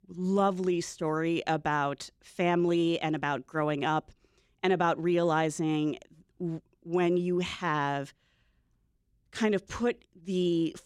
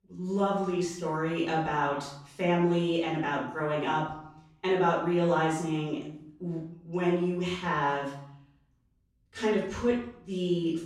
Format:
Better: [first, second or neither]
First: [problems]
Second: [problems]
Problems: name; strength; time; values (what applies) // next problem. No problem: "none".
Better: first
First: none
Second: off-mic speech; far // room echo; noticeable; dies away in 0.6 s